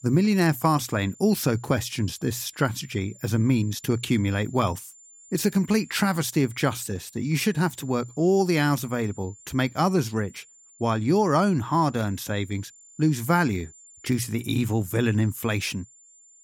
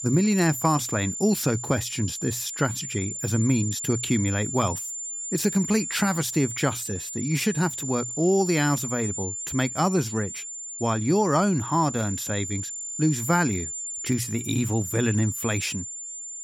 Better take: first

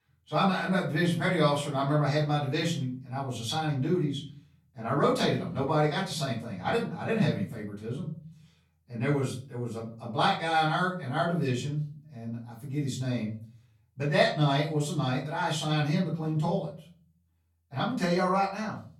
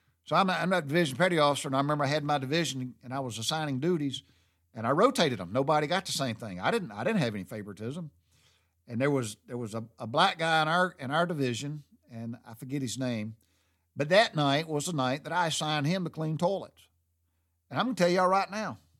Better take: second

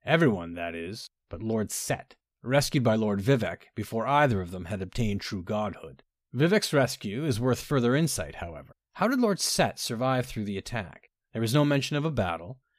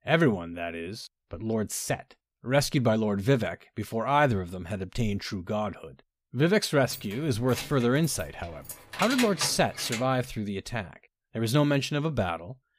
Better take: first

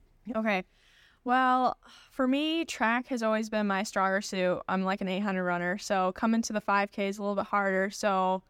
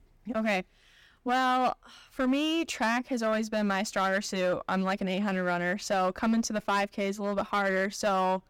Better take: first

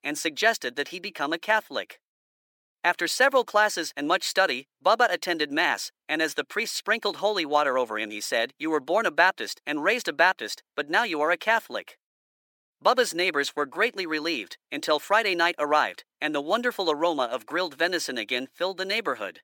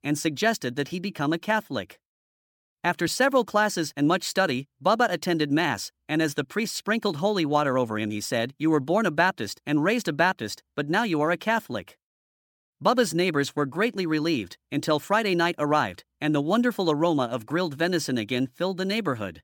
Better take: second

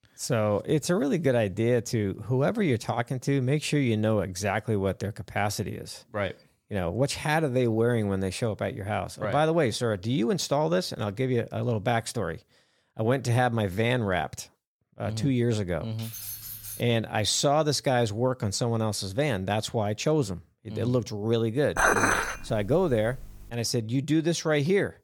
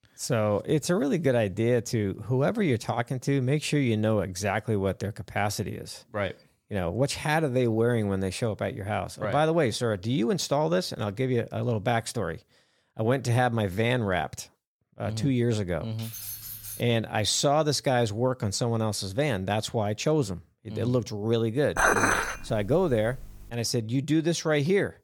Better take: neither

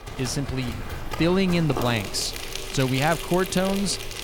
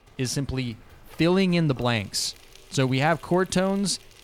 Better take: second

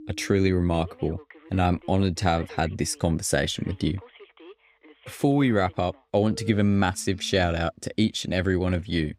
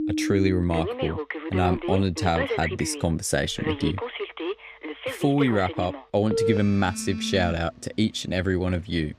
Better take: first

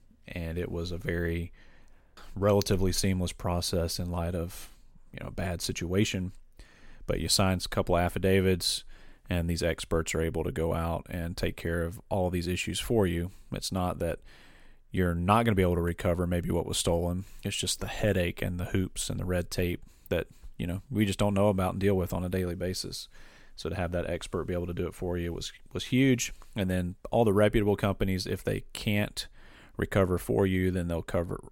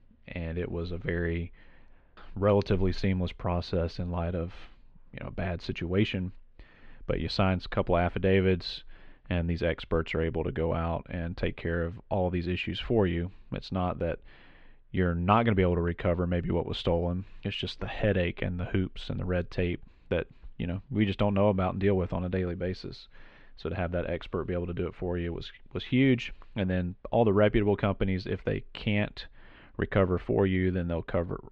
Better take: first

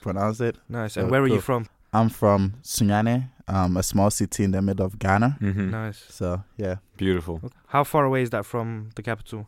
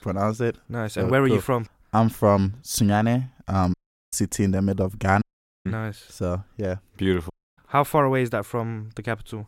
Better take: first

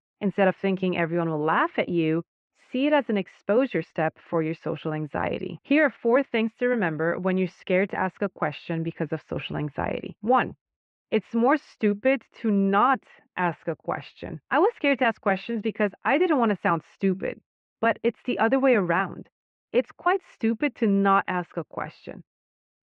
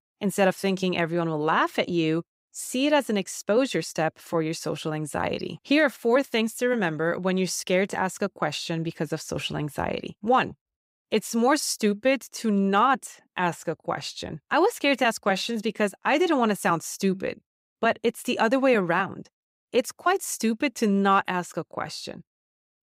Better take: second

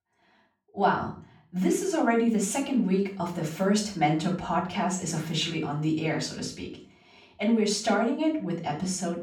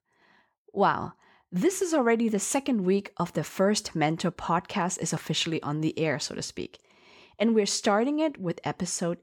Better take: second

